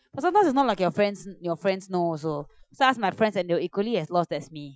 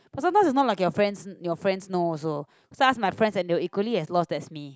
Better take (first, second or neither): second